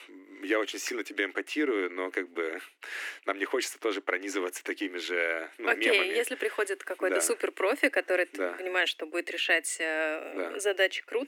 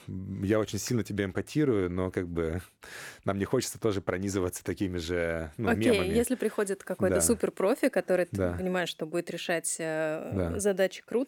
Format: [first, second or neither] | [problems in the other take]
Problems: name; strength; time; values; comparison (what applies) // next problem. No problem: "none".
second | thin; somewhat; fading below 300 Hz